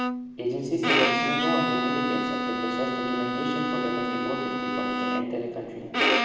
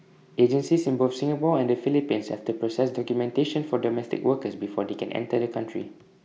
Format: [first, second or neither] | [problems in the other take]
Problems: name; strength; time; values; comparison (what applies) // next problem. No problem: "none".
second | background sound (Bowed string instrument); 4 dB above the speech // room echo; dies away in 1.6 s